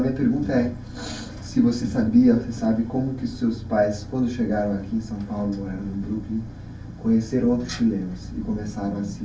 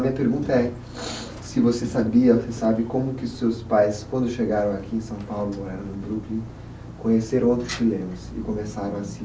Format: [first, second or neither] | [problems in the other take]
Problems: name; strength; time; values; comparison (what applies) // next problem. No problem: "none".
second | room echo; dies away in 0.2 s